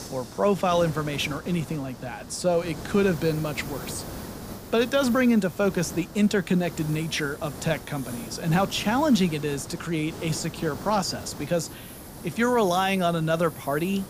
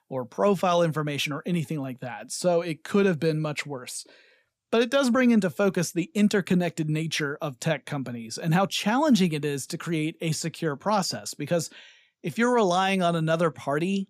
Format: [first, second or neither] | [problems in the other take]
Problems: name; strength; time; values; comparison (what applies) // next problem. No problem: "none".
second | hiss; noticeable; throughout; 15 dB below the speech